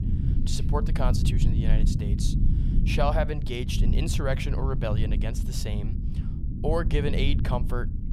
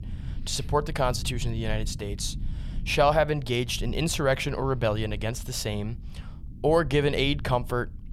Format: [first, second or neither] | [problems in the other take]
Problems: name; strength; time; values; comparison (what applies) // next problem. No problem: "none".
second | low rumble; loud; throughout; 8 dB below the speech; faint in the second